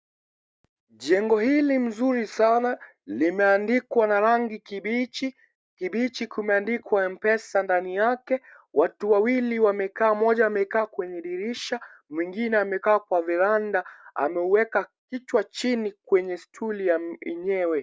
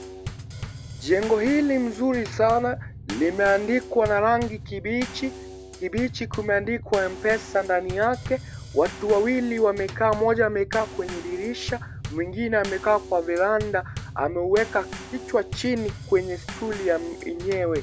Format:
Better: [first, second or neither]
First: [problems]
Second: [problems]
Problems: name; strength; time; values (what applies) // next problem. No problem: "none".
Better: first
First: none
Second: background sound (Bass drum / Snare drum / Drum kit); 12 dB below the speech